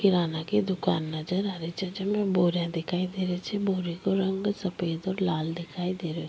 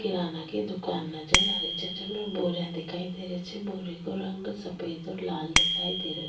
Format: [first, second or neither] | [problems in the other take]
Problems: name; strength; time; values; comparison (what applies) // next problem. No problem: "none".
first | background sound (Bicycle bell); 1 dB above the speech // room echo; dies away in 0.3 s